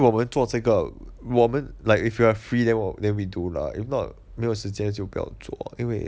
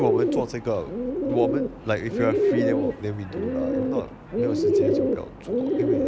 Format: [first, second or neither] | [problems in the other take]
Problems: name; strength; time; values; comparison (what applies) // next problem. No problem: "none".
first | background sound (Bird); 5 dB above the speech